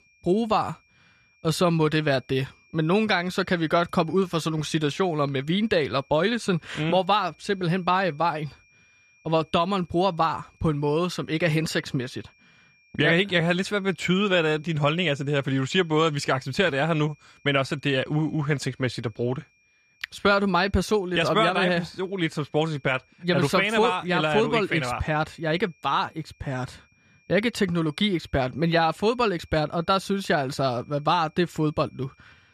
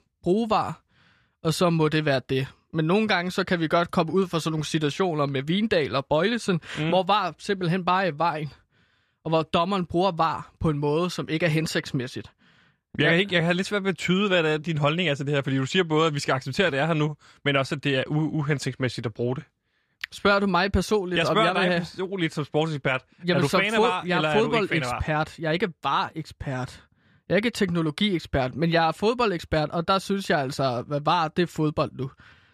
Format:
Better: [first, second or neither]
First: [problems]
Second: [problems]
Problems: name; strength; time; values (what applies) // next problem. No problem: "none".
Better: second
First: high-pitched whine; faint; throughout; 2.5 kHz, 35 dB below the speech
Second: none